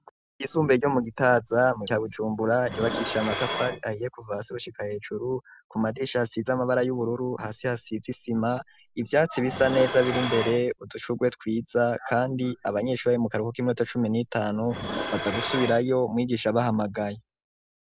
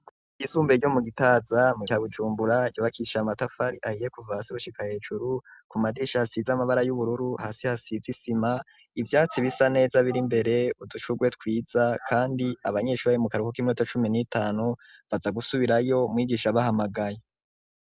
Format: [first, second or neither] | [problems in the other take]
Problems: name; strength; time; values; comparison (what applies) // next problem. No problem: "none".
second | background sound (Dishes, pots, and pans); 10 dB below the speech